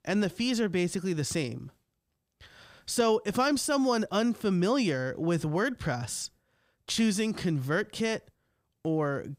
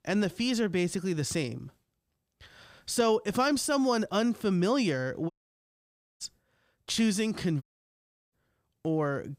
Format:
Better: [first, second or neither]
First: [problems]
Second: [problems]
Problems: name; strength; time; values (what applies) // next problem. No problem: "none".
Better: first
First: none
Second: audio cutting out; at 5.5 s for 1 s and at 7.5 s for 0.5 s